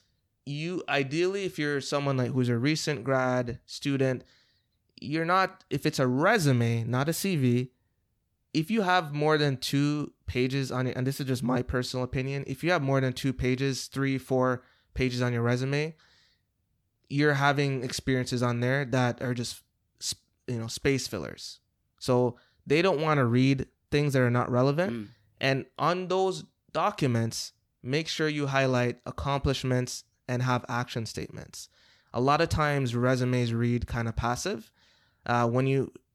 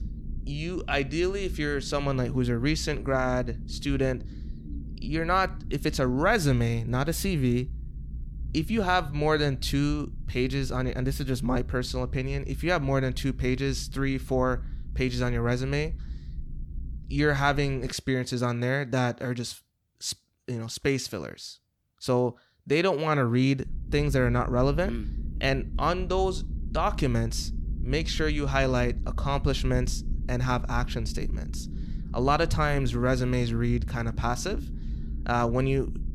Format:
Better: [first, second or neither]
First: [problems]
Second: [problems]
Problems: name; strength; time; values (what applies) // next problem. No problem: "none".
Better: first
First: none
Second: low rumble; faint; until 18 s and from 24 s on; 20 dB below the speech